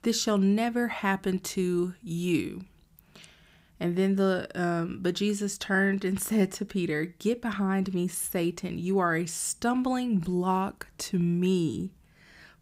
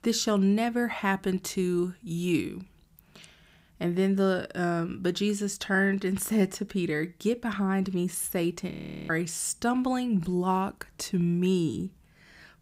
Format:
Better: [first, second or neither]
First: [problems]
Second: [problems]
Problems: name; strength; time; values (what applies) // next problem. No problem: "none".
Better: first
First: none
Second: audio freezing; at 8.5 s